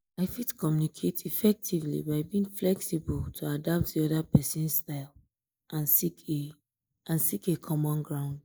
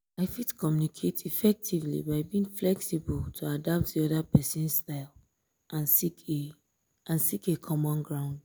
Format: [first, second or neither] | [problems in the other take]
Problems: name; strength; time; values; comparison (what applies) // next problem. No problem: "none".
second | noise reduction (neural mask model Resemble Enhance denoiser)